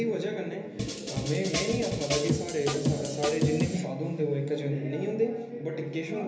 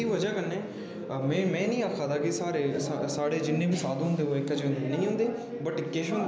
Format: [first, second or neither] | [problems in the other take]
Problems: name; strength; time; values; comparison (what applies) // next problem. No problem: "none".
second | background sound (Drum kit); 1 dB below the speech // room echo; dies away in 0.3 s